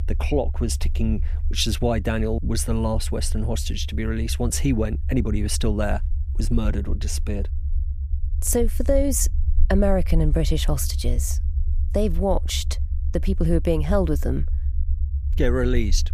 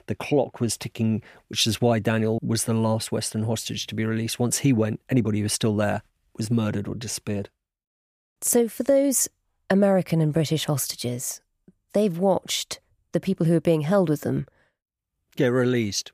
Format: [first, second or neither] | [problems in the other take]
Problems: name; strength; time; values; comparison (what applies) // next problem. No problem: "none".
second | low rumble; noticeable; throughout; 20 dB below the speech